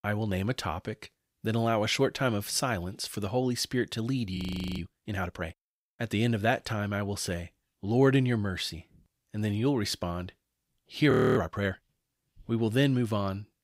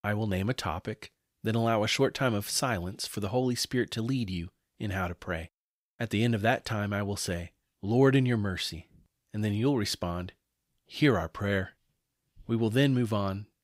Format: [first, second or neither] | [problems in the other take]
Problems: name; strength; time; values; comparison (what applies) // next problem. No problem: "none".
second | audio freezing; at 4.5 s and at 11 s